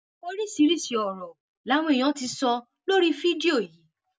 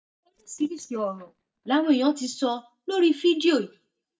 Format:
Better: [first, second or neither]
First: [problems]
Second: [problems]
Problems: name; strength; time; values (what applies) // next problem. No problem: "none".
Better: first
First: none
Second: noise reduction (neural mask model DeepFilterNet 3)